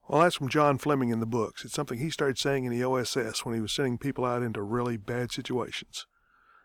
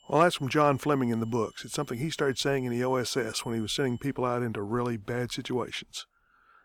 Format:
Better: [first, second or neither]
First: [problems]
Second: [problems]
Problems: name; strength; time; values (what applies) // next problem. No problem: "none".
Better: first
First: none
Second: high-pitched whine; faint; until 4 s; 3 kHz, 30 dB below the speech